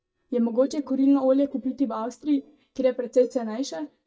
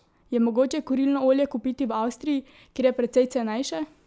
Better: second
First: noise reduction (neural mask model DeepFilterNet 3)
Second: none

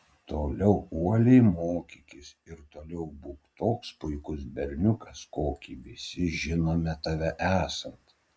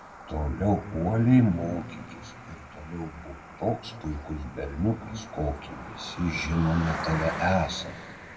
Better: first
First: none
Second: background sound (Cricket); 12 dB below the speech // room echo; dies away in 1.1 s

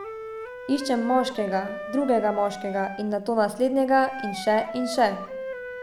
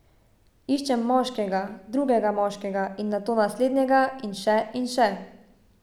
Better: second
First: background sound (Wind instrument, woodwind instrument); 11 dB below the speech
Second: none

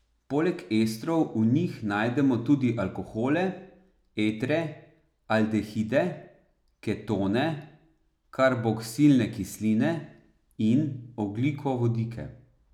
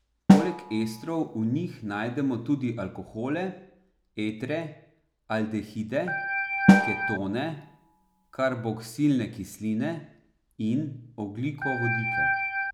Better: first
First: none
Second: background sound (Snare drum + Organ); 3 dB above the speech

